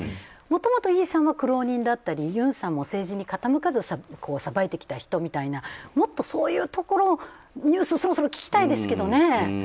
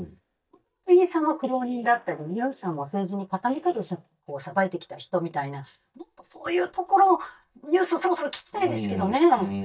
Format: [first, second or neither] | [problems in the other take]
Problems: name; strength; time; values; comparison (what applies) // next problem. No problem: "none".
first | noise reduction (neural mask model DeepFilterNet 3)